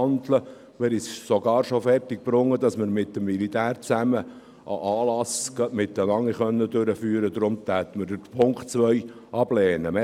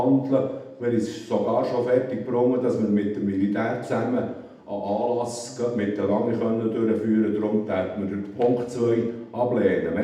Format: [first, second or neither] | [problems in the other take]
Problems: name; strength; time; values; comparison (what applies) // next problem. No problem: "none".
first | room echo; dies away in 0.8 s